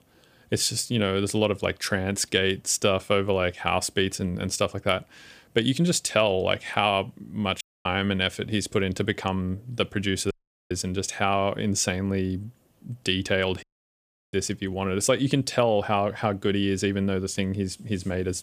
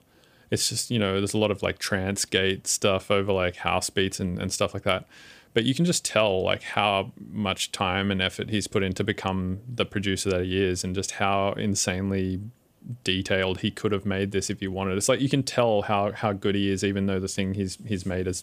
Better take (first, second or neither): second